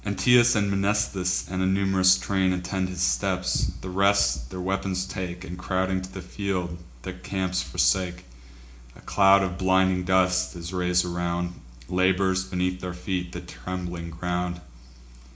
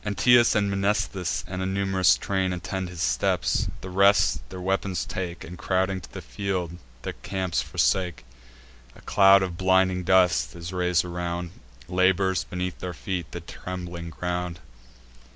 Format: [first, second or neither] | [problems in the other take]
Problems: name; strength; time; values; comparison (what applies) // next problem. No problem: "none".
second | room echo; dies away in 0.4 s